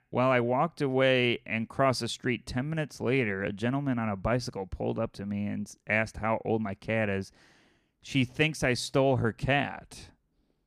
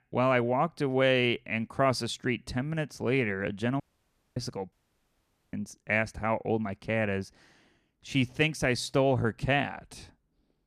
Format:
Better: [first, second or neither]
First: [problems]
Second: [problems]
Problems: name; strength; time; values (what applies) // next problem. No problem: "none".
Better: first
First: none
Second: audio cutting out; at 4 s for 0.5 s and at 4.5 s for 1 s